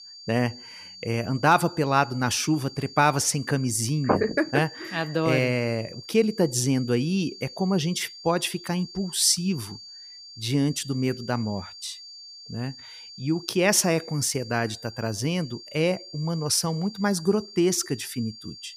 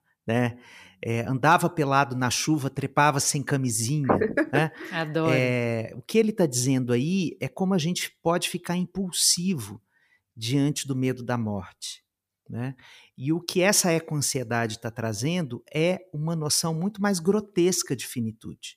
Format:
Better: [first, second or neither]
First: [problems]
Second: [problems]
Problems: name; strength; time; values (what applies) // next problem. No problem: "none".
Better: second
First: high-pitched whine; noticeable; throughout; 4.5 kHz, 15 dB below the speech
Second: none